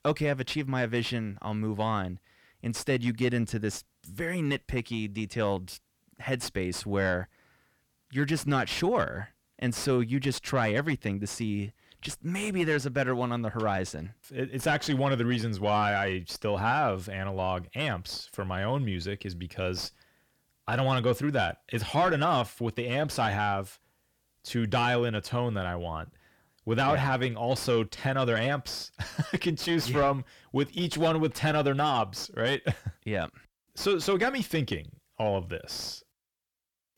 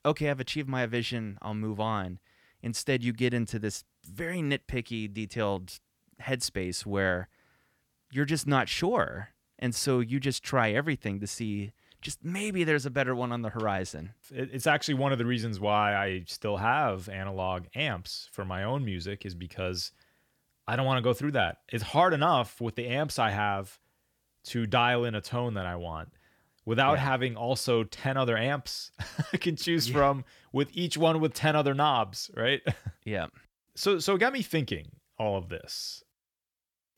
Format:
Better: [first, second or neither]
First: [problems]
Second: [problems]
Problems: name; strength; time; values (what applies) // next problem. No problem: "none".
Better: second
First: distortion; slight; 10 dB below the speech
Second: none